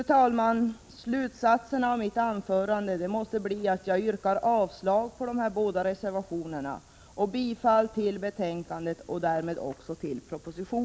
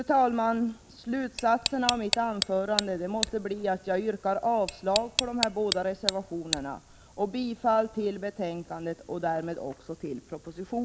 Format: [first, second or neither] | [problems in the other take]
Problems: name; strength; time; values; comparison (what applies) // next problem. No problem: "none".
first | background sound (Tick); 5 dB below the speech